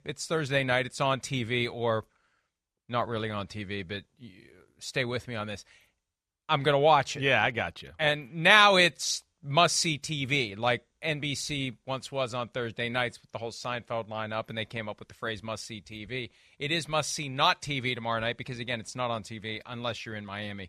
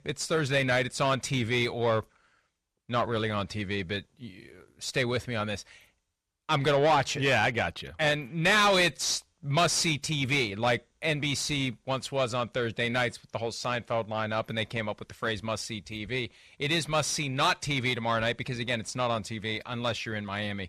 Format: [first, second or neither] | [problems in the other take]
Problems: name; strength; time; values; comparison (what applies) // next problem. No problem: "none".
first | distortion; heavy; 7 dB below the speech